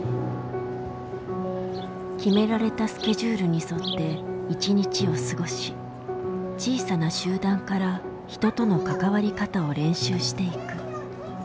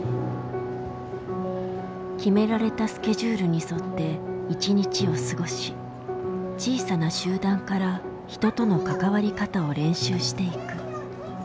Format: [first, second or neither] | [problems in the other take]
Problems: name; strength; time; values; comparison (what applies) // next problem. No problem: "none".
second | background sound (Insect); 15 dB below the speech